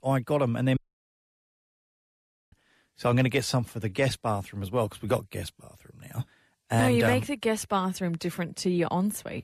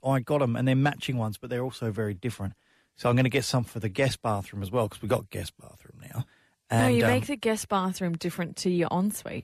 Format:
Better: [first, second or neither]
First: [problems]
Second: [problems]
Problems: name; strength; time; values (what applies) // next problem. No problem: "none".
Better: second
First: audio cutting out; at 1 s for 2 s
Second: none